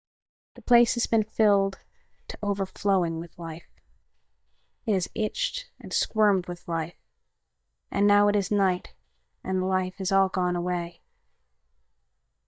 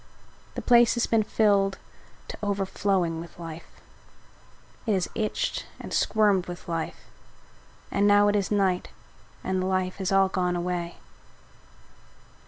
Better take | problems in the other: second | noise reduction (neural mask model DeepFilterNet 3)

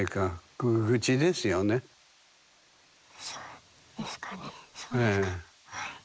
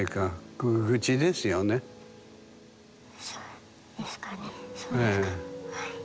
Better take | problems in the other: second | noise reduction (neural mask model Resemble Enhance denoiser)

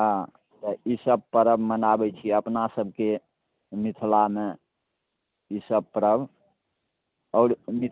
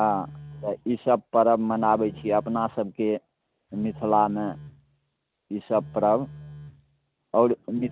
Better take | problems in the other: first | background sound (Telephone); 19 dB below the speech

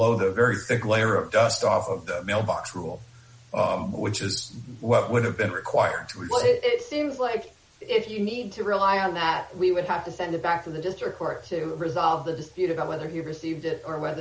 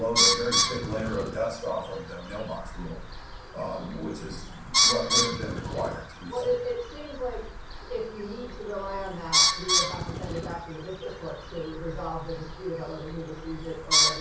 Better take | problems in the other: first | background sound (Bird); 4 dB above the speech // room echo; dies away in 0.6 s

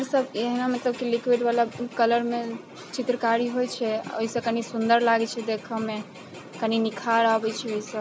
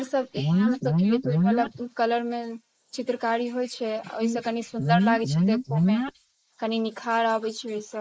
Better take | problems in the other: first | noise reduction (neural mask model Resemble Enhance denoiser)

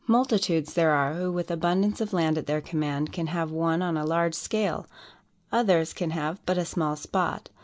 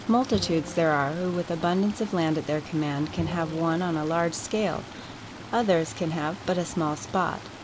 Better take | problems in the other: first | background sound (Bowed string instrument + Stream); 13 dB below the speech

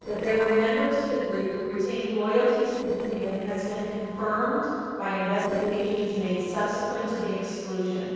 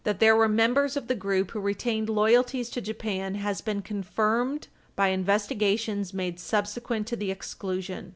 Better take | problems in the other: second | noise reduction (neural separator model SepFormer DNS4)

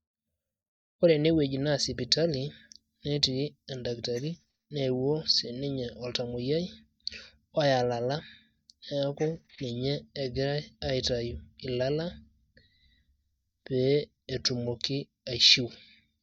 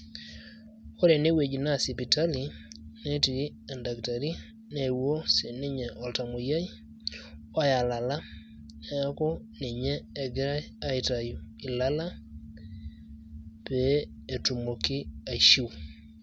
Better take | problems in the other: second | noise reduction (neural mask model DeepFilterNet 3)

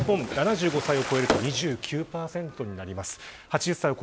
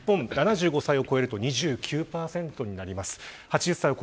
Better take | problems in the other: second | background sound (Splash, splatter + Fireworks); 7 dB below the speech

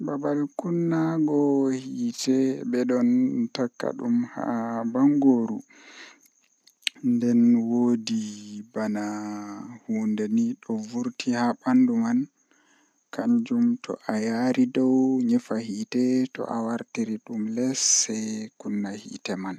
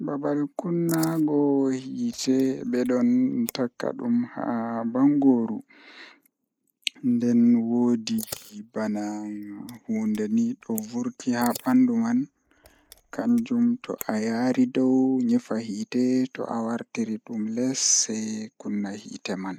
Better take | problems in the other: first | noise reduction (neural mask model Resemble Enhance denoiser)

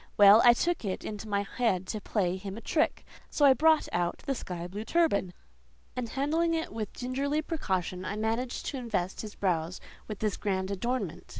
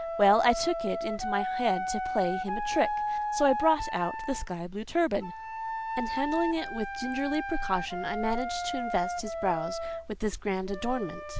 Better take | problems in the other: first | background sound (Wind instrument, woodwind instrument); 4 dB below the speech

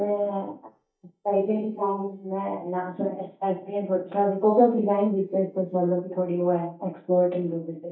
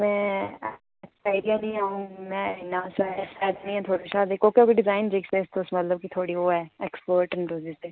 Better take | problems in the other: second | noise reduction (neural mask model DeepFilterNet 3)

